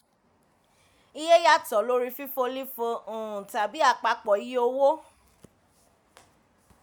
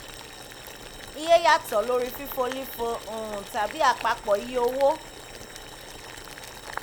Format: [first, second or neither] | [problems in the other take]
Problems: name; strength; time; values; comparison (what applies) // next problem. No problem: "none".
first | background sound (Boiling); 13 dB below the speech